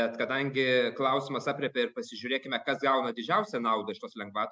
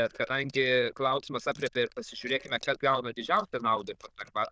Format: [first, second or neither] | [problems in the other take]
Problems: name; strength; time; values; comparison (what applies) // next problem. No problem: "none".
first | noise reduction (neural diffusion model UNIVERSE++)